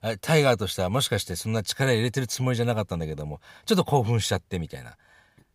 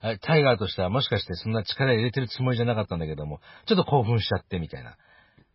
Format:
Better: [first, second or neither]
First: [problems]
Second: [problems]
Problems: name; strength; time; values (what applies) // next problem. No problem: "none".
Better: first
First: none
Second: garbled, watery; badly; nothing above 5 kHz